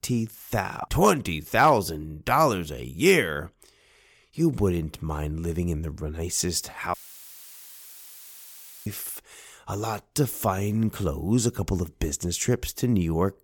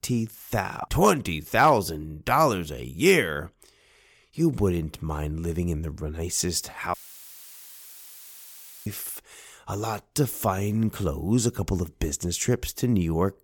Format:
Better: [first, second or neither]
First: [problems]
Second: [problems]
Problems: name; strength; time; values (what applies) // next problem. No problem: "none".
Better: neither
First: audio cutting out; filled with static; at 7 s for 2 s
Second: audio cutting out; filled with static; at 7 s for 2 s